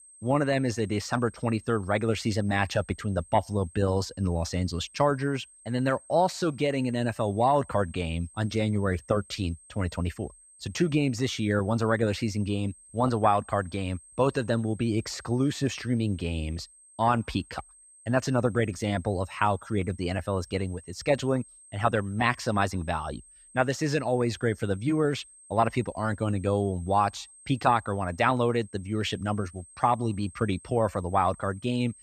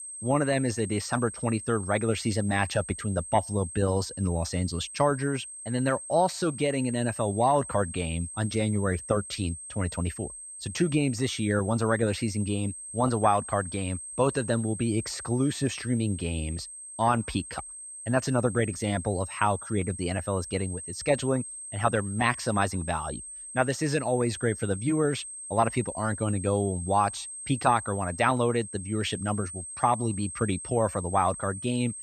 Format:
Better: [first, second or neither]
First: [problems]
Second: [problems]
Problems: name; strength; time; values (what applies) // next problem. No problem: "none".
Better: first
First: high-pitched whine; faint; throughout; 8.5 kHz, 25 dB below the speech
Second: high-pitched whine; loud; throughout; 8.5 kHz, 10 dB below the speech